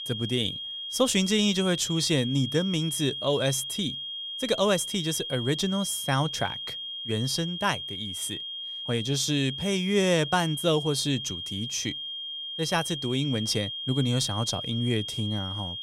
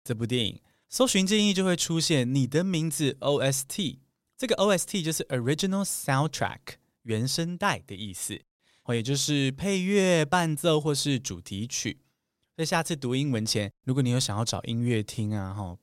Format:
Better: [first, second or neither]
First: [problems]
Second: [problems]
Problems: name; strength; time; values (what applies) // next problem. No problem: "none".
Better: second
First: high-pitched whine; loud; throughout; 3 kHz, 5 dB below the speech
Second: none